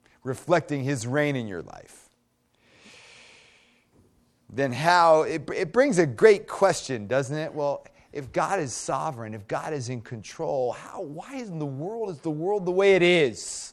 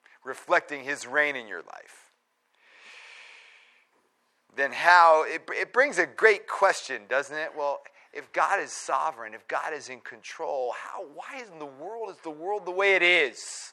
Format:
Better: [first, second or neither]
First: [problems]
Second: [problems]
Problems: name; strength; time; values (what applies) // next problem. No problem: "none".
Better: first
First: none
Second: thin; very; fading below 500 Hz